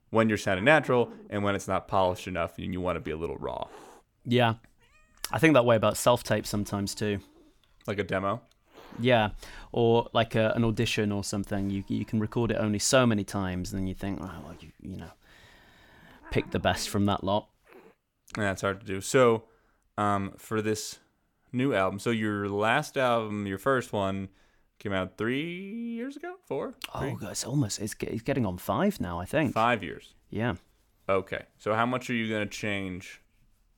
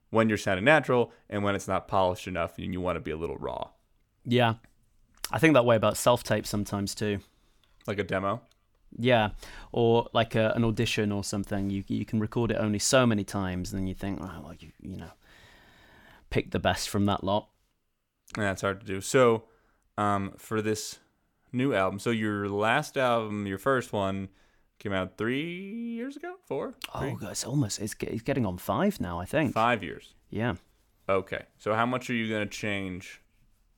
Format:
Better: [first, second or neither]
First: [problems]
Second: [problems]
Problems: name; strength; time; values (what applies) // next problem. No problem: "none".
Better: second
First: hiss; faint; until 19 s; 25 dB below the speech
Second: none